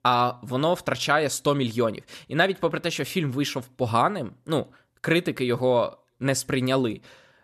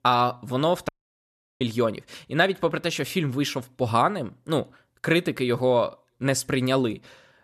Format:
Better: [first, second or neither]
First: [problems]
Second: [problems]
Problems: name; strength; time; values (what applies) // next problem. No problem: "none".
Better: first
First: none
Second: audio cutting out; at 1 s for 0.5 s